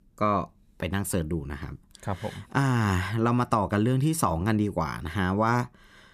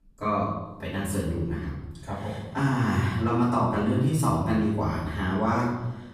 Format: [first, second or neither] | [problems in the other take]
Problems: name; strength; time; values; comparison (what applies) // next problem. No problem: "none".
first | room echo; noticeable; dies away in 1 s // off-mic speech; far